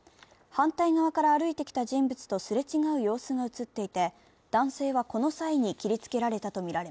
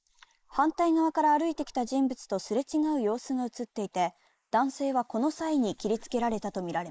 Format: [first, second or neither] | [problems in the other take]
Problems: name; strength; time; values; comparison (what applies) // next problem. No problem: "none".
first | noise reduction (neural mask model Resemble Enhance denoiser)